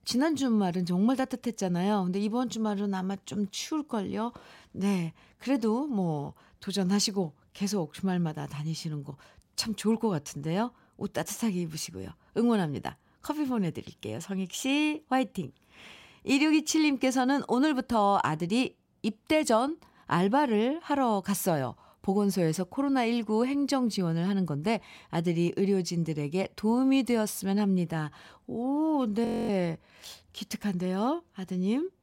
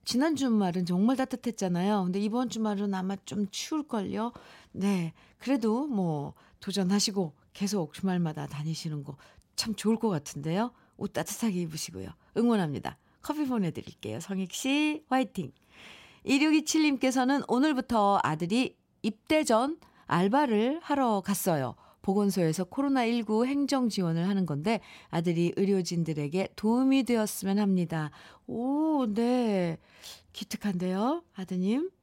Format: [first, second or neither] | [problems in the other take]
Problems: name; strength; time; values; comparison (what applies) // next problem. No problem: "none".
second | audio freezing; at 29 s